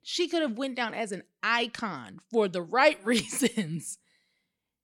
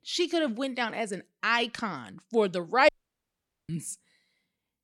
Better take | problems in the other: first | audio cutting out; at 3 s for 1 s

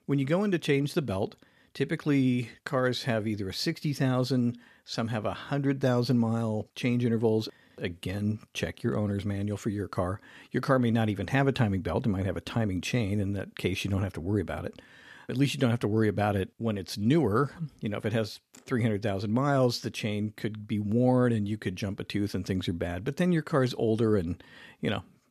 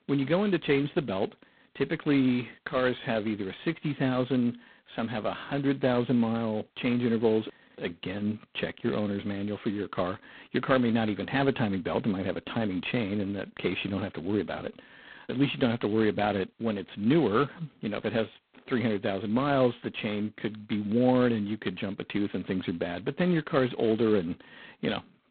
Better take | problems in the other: first | phone-call audio; poor line; nothing above 4 kHz

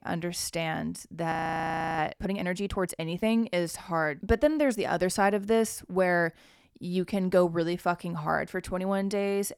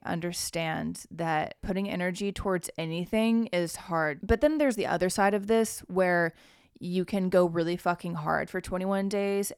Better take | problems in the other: second | audio freezing; at 1.5 s for 0.5 s

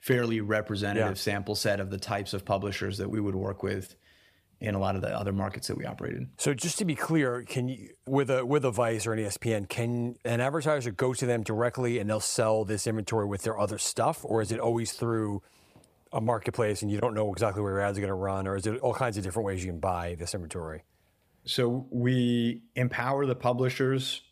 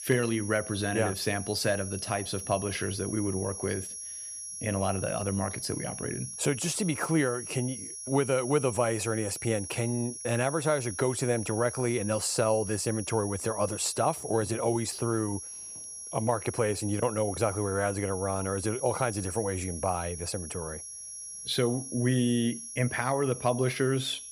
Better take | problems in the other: first | high-pitched whine; loud; throughout; 11 kHz, 8 dB below the speech

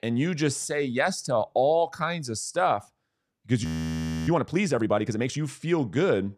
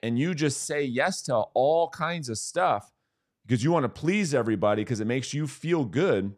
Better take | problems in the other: second | audio freezing; at 3.5 s for 0.5 s

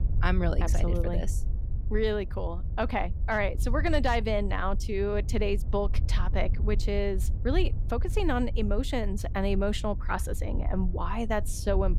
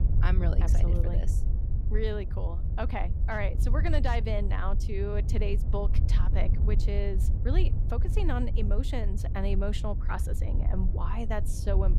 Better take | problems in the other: first | wind noise on the microphone; heavy; 9 dB below the speech; occasional gusts in the first

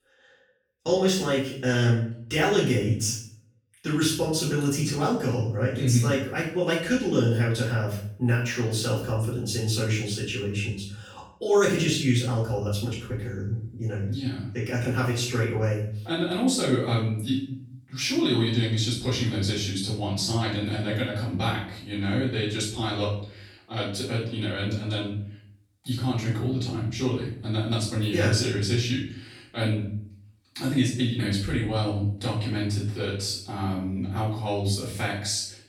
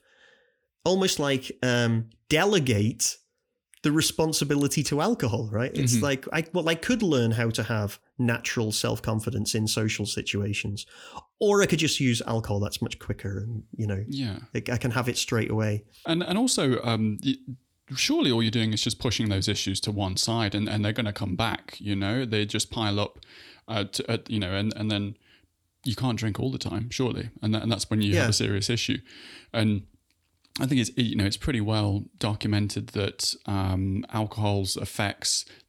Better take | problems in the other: second | off-mic speech; far // room echo; noticeable; dies away in 0.5 s

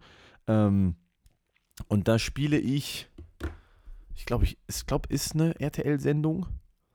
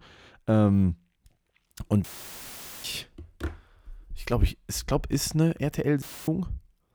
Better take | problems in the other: first | audio cutting out; filled with static; at 2 s for 1 s and at 6 s

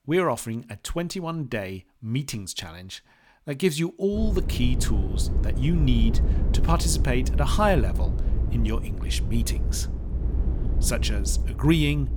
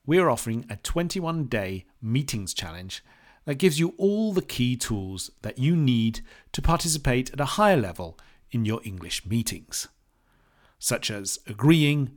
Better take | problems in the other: second | low rumble; noticeable; from 4 s on; 10 dB below the speech

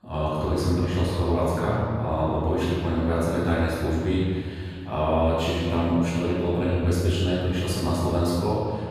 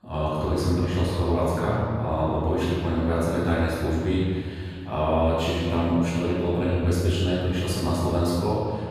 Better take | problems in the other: neither | room echo; strong; dies away in 1.8 s; the same in both // off-mic speech; far; the same in both

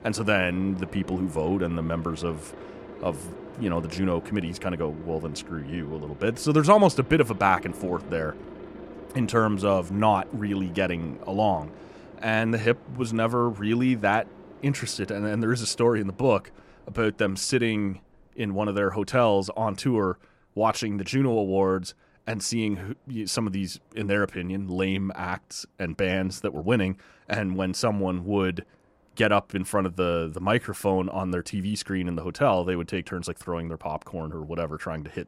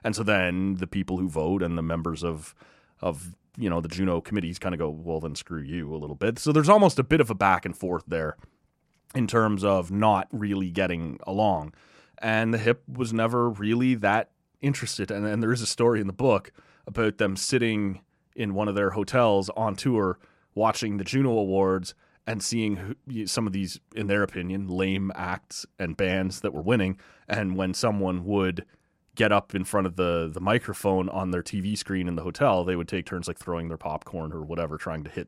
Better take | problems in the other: second | train or aircraft noise; noticeable; throughout; 15 dB below the speech

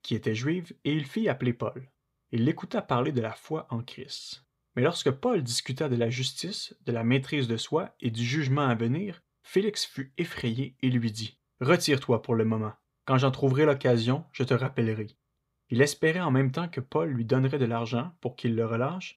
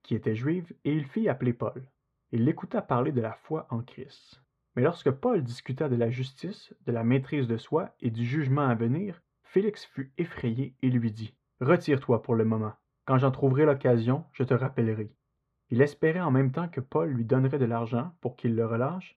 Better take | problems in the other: first | muffled; very; fading above 3 kHz

